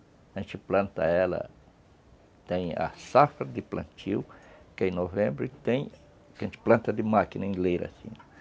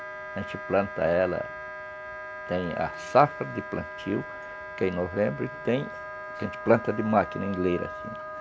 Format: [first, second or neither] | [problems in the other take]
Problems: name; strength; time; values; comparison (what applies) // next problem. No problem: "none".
first | background sound (Wind instrument, woodwind instrument); 10 dB below the speech